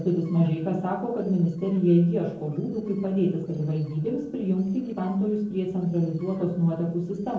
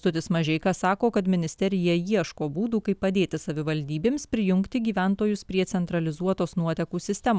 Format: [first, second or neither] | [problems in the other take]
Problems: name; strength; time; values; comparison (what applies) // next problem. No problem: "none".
second | noise reduction (neural separator model SepFormer DNS4)